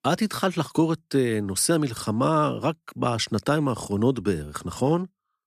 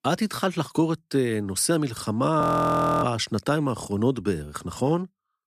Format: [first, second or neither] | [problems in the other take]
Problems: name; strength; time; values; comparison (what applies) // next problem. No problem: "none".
first | audio freezing; at 2.5 s for 0.5 s